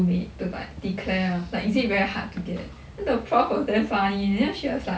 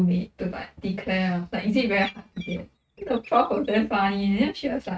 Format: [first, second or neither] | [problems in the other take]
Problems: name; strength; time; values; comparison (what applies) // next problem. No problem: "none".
first | noise reduction (neural mask model RNNoise)